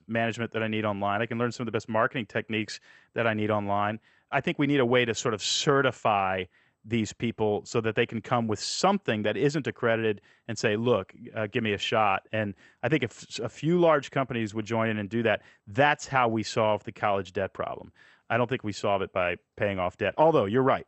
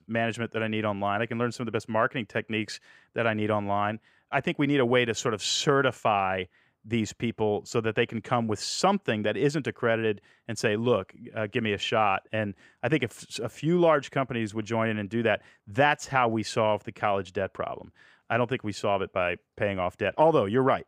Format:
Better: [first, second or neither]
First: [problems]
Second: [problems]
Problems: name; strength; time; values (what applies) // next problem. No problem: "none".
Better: second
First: garbled, watery; slightly; nothing above 8 kHz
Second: none